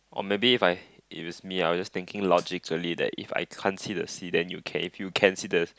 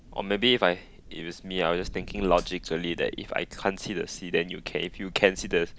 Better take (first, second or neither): first